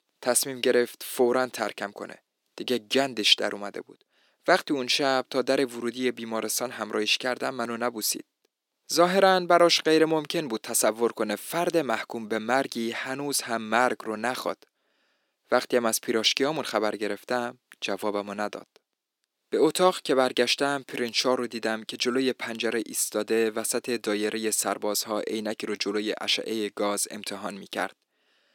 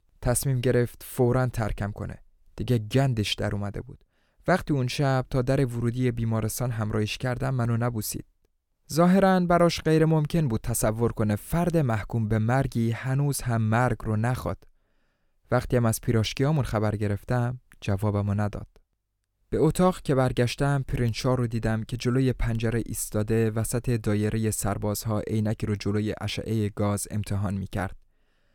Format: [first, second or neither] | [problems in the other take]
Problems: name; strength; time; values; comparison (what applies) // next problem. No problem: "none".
second | thin; somewhat; fading below 250 Hz